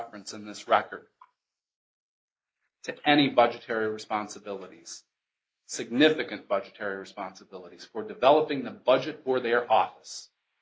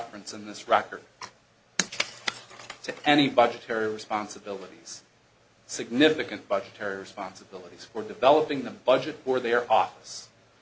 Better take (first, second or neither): second